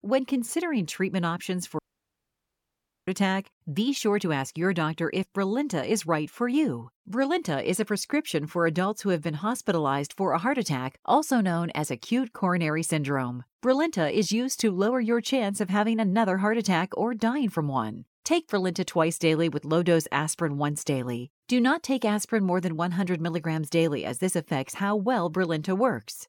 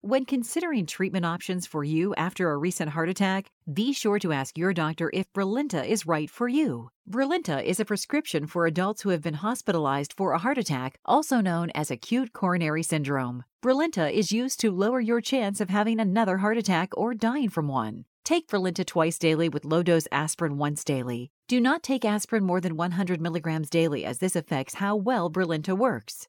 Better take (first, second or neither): second